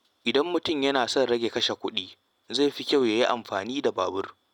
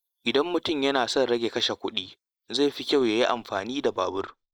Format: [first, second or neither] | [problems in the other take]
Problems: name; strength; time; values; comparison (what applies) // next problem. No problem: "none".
first | noise reduction (neural mask model Resemble Enhance denoiser)